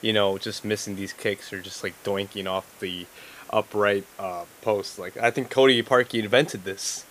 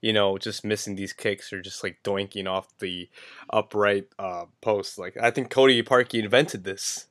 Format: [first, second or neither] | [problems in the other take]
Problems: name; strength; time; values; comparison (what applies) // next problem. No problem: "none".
second | hiss; faint; throughout; 20 dB below the speech